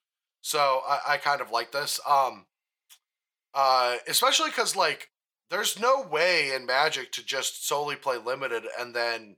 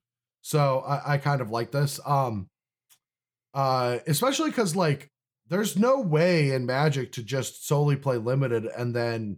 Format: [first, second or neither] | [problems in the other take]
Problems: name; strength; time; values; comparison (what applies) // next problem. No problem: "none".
second | thin; very; fading below 800 Hz